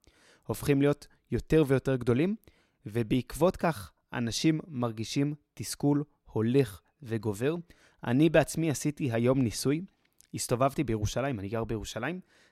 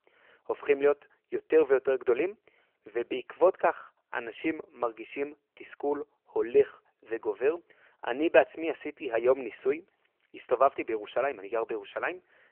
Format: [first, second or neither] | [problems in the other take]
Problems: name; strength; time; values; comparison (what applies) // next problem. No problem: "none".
first | phone-call audio; nothing above 3 kHz